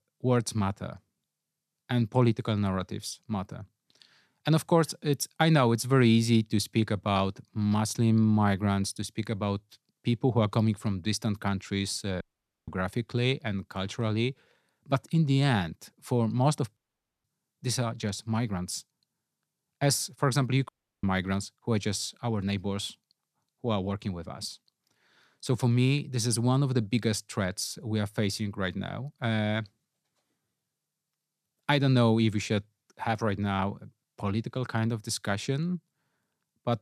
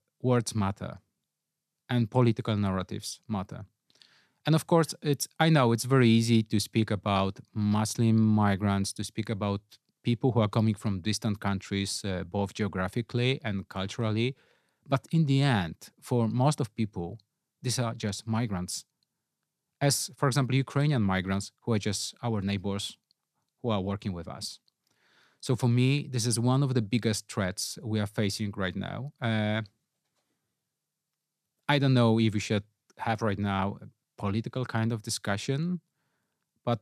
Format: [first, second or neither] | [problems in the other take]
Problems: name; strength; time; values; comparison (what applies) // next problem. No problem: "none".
second | audio cutting out; at 12 s, at 17 s and at 21 s